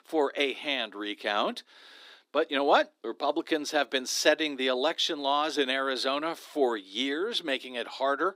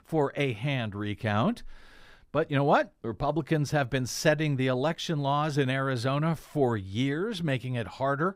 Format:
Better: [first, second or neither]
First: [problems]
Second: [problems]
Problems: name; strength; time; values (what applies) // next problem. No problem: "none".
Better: second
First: thin; somewhat; fading below 300 Hz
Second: none